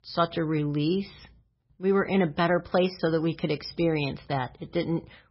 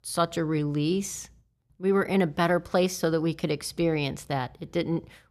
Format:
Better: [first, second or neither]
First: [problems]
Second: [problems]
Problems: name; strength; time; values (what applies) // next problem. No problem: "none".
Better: second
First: garbled, watery; badly; nothing above 5.5 kHz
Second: none